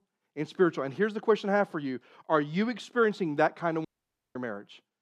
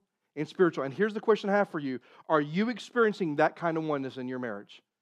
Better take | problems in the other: second | audio cutting out; at 4 s

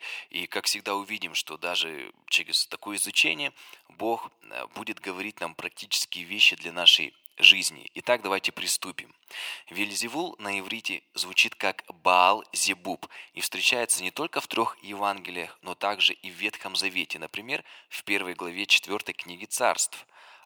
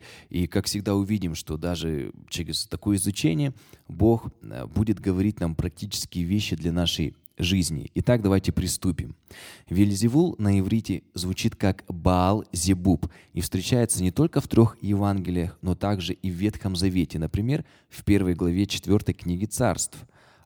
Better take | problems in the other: second | thin; very; fading below 750 Hz

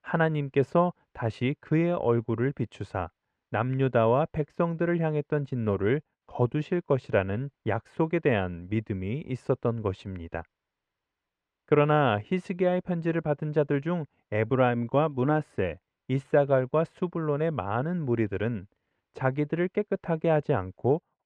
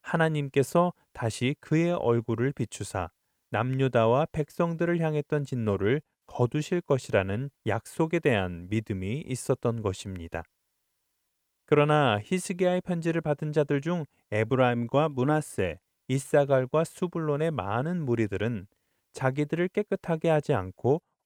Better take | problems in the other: second | muffled; very; fading above 2.5 kHz

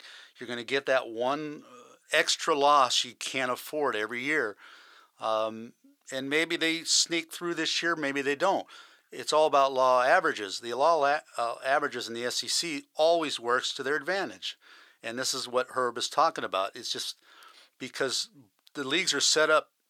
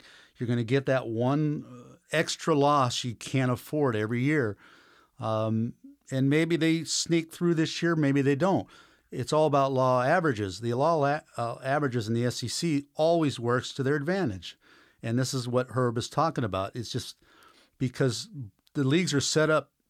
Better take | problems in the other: second | thin; very; fading below 600 Hz

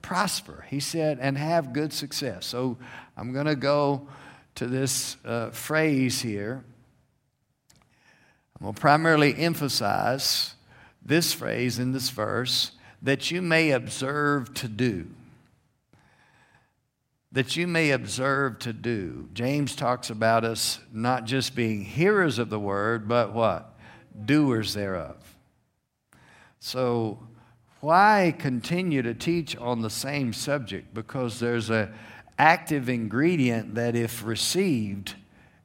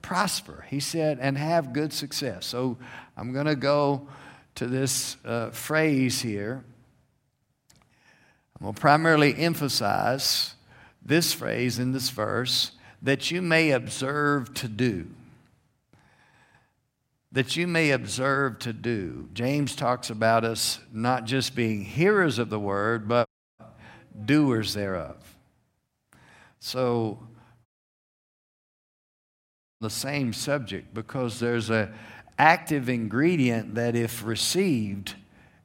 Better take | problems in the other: first | audio cutting out; at 23 s and at 28 s for 2 s

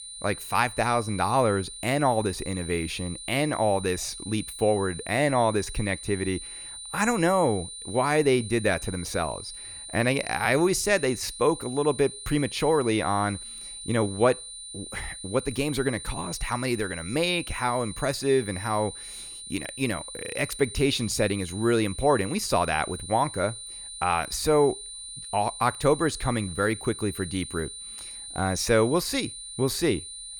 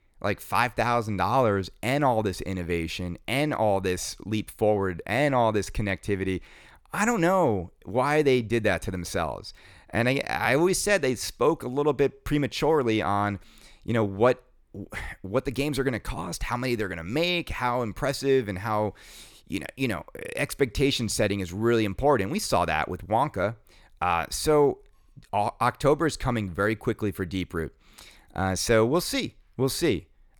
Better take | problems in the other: second | high-pitched whine; noticeable; throughout; 9 kHz, 10 dB below the speech

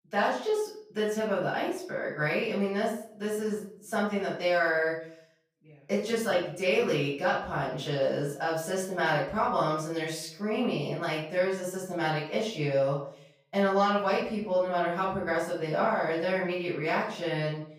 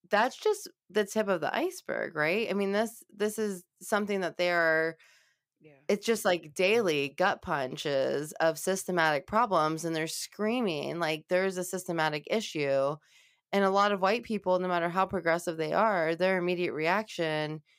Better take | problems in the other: second | off-mic speech; far // room echo; noticeable; dies away in 0.5 s

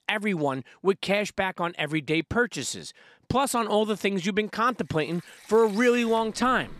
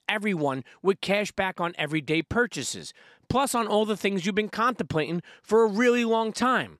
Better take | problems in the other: second | rain or running water; faint; from 5.5 s on; 20 dB below the speech

